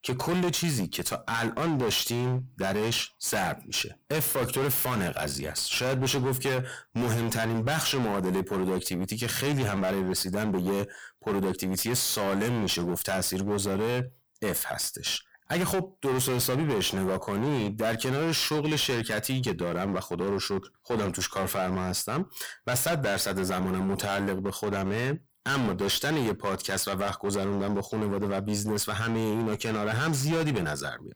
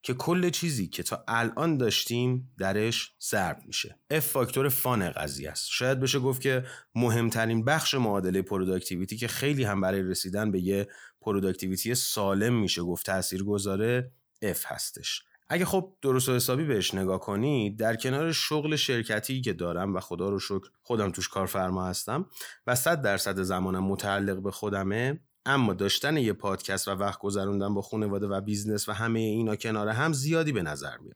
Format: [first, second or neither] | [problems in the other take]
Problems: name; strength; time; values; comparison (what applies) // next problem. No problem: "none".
second | distortion; heavy; 23% of the sound clipped